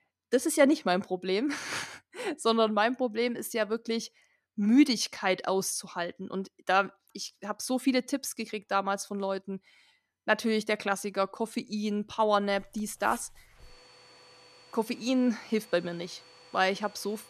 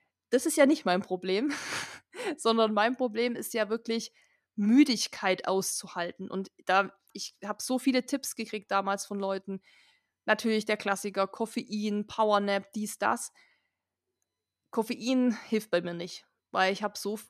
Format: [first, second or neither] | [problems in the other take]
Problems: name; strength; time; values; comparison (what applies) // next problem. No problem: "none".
second | household noises; faint; from 12 s on; 25 dB below the speech